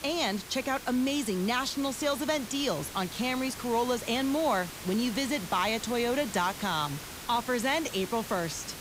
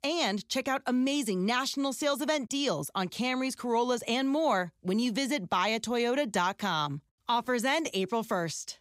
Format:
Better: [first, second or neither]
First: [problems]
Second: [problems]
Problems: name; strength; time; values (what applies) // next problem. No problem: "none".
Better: second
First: hiss; noticeable; throughout; 10 dB below the speech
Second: none